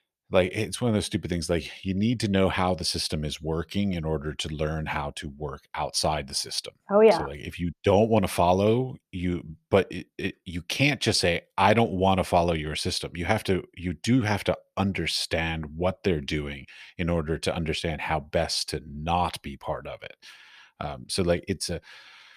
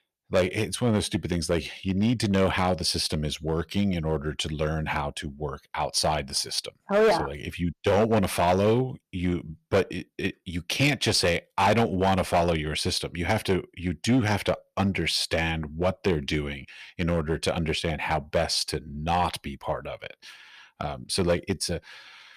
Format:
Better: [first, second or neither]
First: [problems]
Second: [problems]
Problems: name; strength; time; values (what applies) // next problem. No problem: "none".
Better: first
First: none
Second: distortion; slight; 4% of the sound clipped